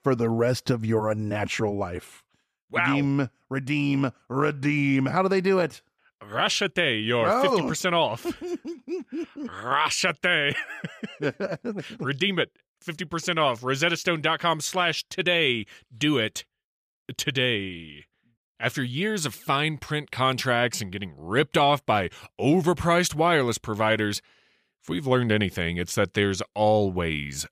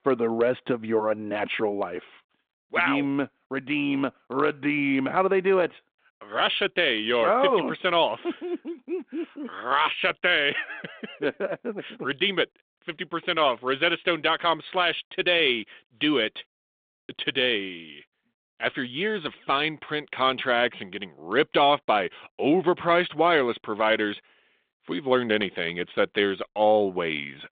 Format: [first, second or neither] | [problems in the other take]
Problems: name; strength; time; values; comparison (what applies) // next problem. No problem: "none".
first | phone-call audio